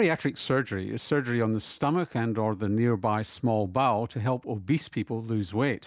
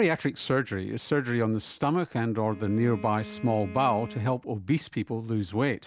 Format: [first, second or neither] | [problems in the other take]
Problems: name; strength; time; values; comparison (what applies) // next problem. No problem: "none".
first | background sound (Bowed string instrument); 17 dB below the speech